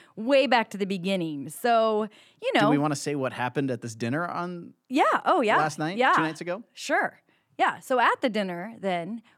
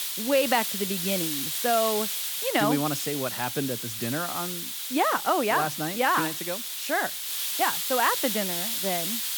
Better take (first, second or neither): first